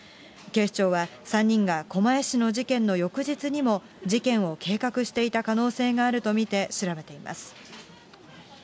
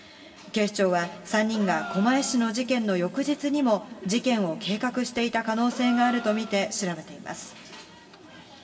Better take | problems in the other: first | background sound (Gasp); 14 dB below the speech // room echo; dies away in 3 s

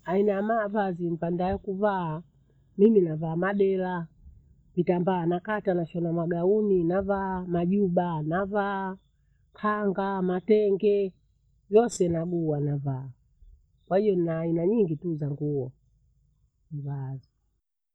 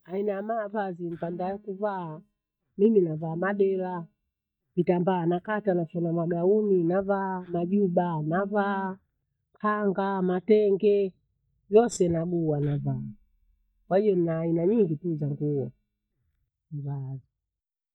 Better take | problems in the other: first | noise reduction (neural mask model DeepFilterNet 3)

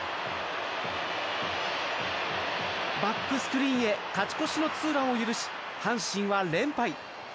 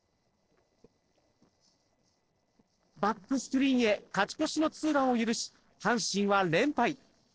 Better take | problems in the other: first | noise reduction (neural separator model SepFormer DNS4)

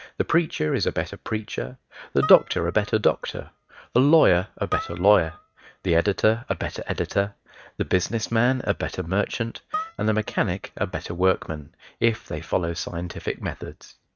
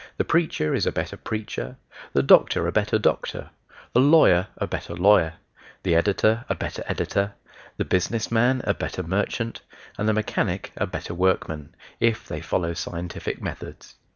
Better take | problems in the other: second | noise reduction (neural mask model RNNoise)

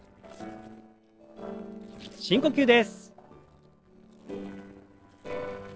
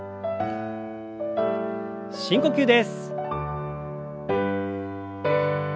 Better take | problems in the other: second | noise reduction (neural separator model SepFormer DNS4)

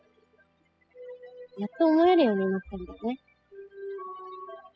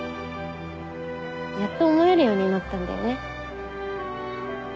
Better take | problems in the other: second | noise reduction (classical method spectral subtraction)

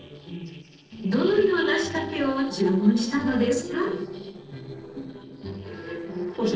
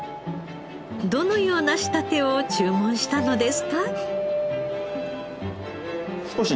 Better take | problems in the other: second | noise reduction (neural separator model SepFormer DNS4)

